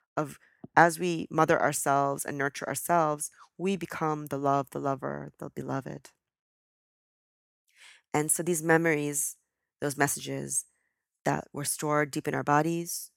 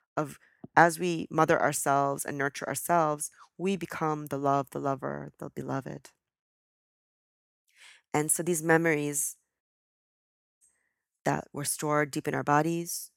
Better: first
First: none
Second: audio cutting out; at 9.5 s for 1 s

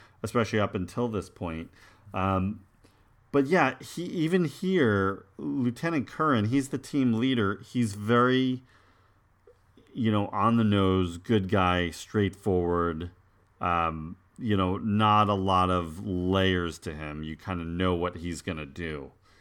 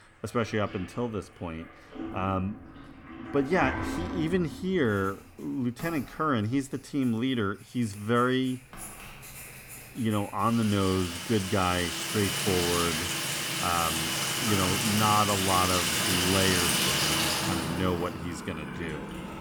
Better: first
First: none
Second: household noises; very loud; throughout; 1 dB above the speech

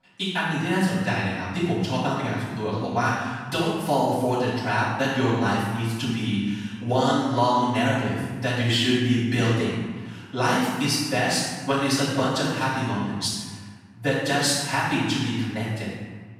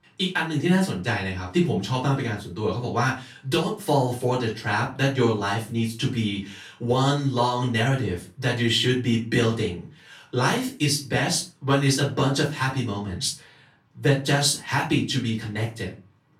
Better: second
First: room echo; strong; dies away in 1.3 s // off-mic speech; far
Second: room echo; slight; dies away in 0.3 s // off-mic speech; far

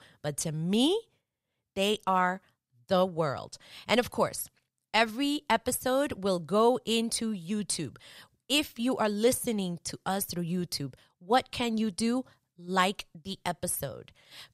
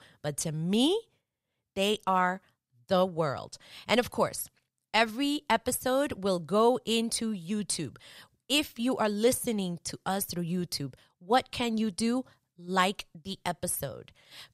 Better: neither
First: none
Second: none

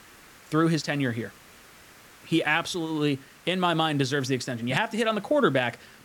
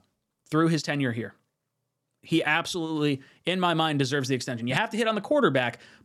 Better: second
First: hiss; faint; throughout; 25 dB below the speech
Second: none

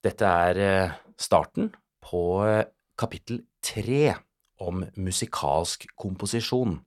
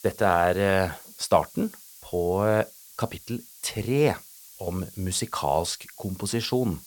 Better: first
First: none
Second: hiss; noticeable; throughout; 20 dB below the speech

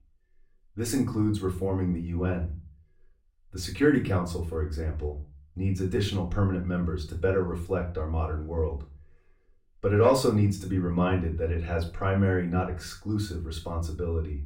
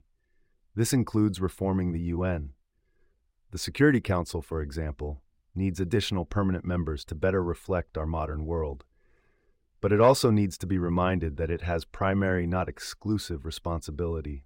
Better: second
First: off-mic speech; far // room echo; slight; dies away in 0.3 s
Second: none

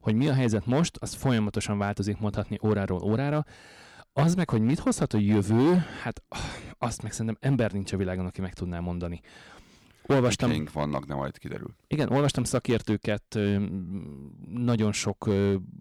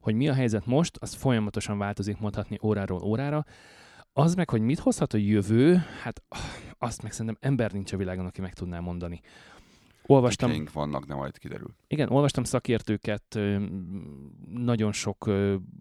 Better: second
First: distortion; slight; 4% of the sound clipped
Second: none

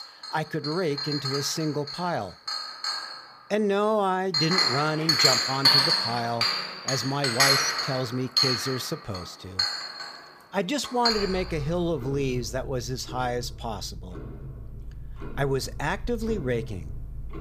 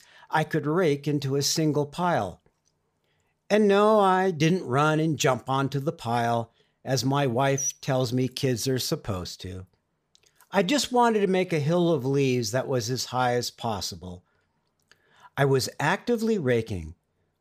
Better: second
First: household noises; very loud; throughout; 4 dB above the speech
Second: none

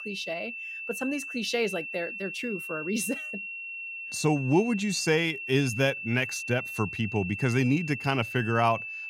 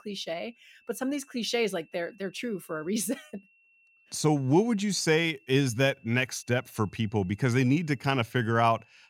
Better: second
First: high-pitched whine; loud; throughout; 2.5 kHz, 7 dB below the speech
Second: high-pitched whine; faint; throughout; 2.5 kHz, 35 dB below the speech

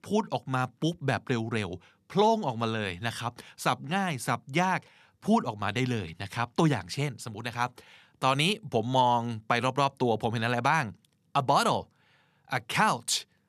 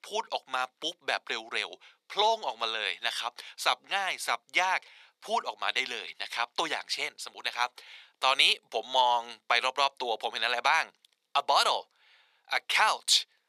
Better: first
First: none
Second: thin; very; fading below 550 Hz

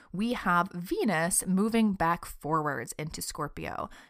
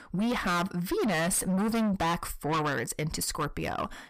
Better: first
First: none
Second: distortion; heavy; 6 dB below the speech

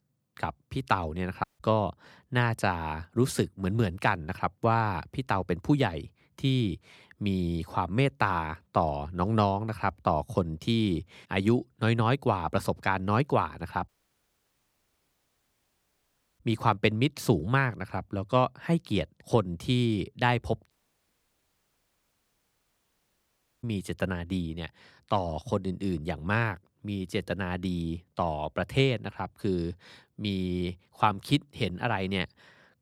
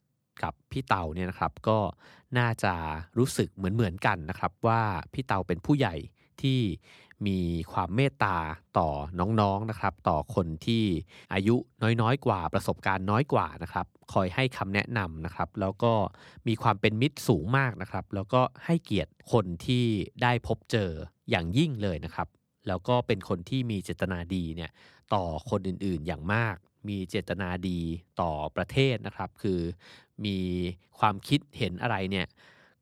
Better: second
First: audio cutting out; at 1.5 s, at 14 s for 2.5 s and at 21 s for 3 s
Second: none

